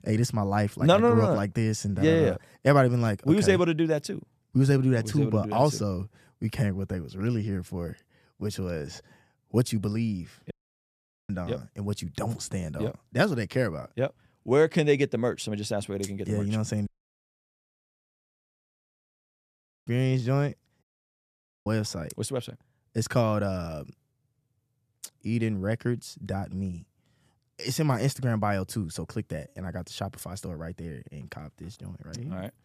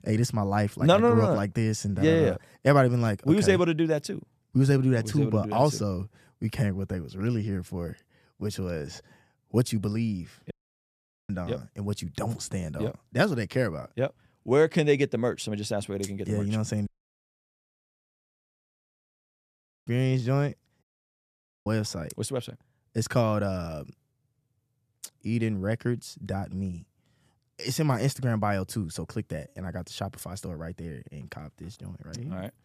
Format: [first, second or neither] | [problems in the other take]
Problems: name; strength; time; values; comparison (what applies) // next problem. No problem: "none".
neither | audio cutting out; at 11 s for 1 s, at 17 s for 3 s and at 21 s for 1 s; the same in both